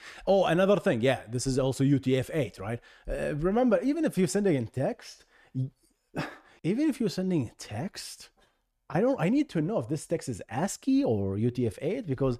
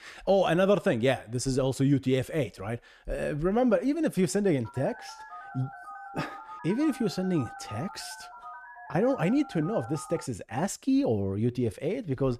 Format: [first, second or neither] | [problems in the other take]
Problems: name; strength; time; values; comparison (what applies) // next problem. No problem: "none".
first | phone ringing; faint; from 4.5 to 10 s; peak 15 dB below the speech